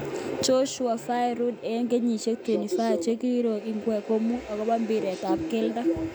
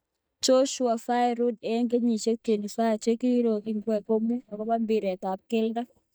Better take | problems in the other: first | noise reduction (neural mask model DeepFilterNet 3)

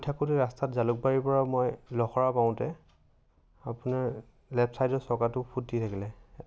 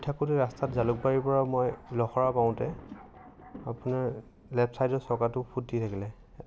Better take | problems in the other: first | background sound (Thunder); 19 dB below the speech

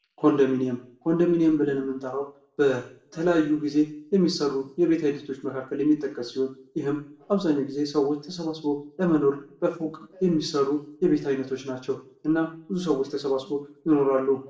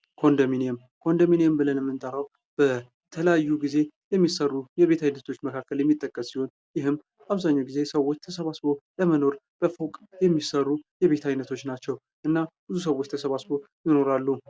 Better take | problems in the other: second | room echo; dies away in 0.4 s

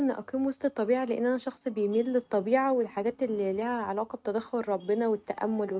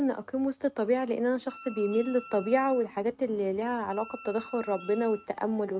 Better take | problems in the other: first | background sound (Wind instrument, woodwind instrument); 20 dB below the speech

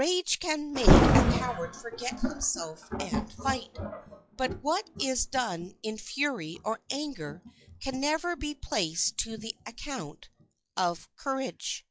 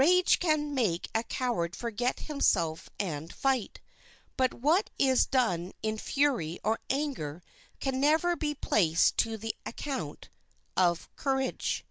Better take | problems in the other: second | noise reduction (classical method log-MMSE)

